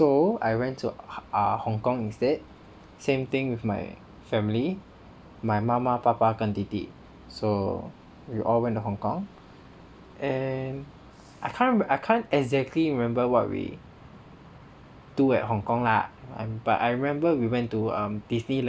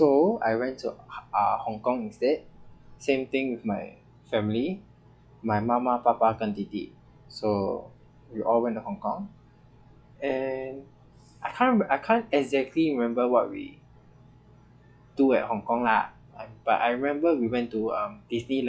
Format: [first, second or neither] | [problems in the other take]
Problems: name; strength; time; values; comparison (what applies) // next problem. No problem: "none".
first | noise reduction (classical method log-MMSE)